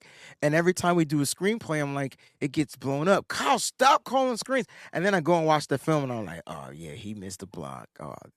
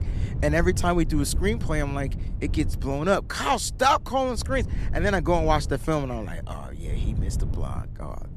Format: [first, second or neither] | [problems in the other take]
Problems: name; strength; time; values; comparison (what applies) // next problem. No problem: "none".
first | wind noise on the microphone; occasional gusts; 20 dB below the speech